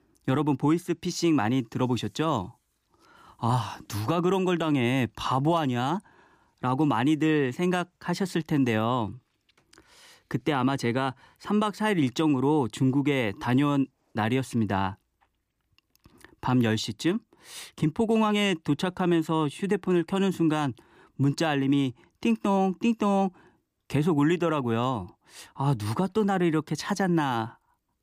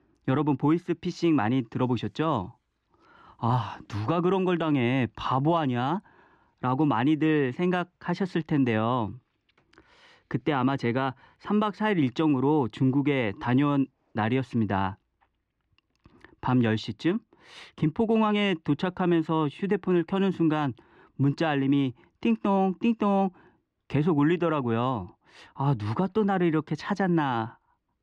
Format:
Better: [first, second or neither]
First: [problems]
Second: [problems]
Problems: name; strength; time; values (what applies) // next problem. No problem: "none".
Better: first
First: none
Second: muffled; slightly; fading above 3 kHz